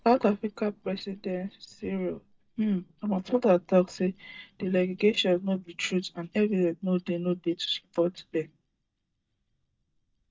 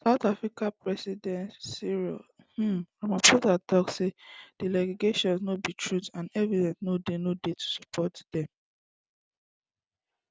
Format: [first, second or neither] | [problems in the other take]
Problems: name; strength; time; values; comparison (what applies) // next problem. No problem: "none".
second | noise reduction (neural mask model DeepFilterNet 3)